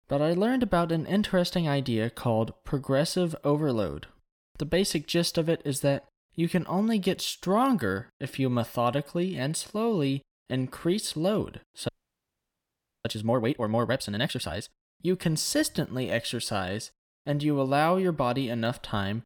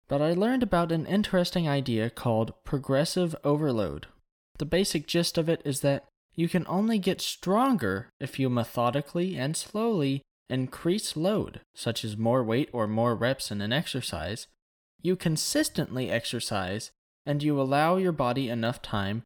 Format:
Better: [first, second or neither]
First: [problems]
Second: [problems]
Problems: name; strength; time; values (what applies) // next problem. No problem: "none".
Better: second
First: audio freezing; at 12 s for 1 s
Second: none